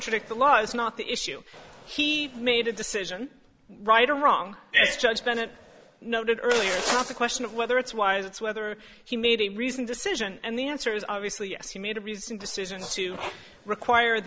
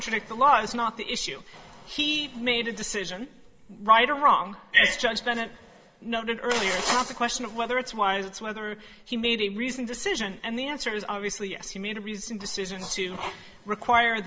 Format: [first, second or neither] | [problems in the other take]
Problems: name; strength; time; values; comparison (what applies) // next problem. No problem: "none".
first | room echo; dies away in 0.3 s